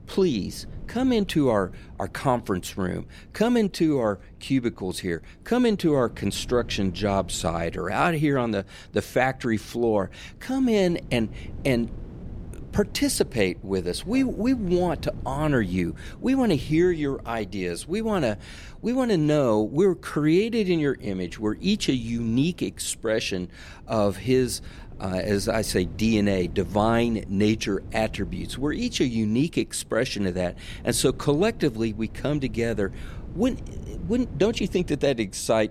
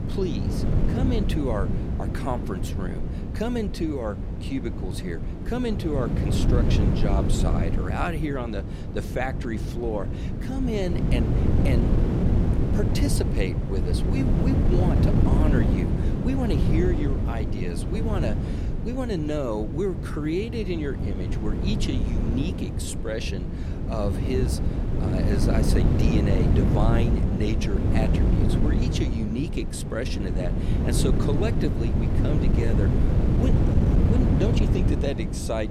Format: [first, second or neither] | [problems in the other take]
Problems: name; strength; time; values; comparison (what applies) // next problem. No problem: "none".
first | wind noise on the microphone; heavy; 1 dB below the speech; occasional gusts in the first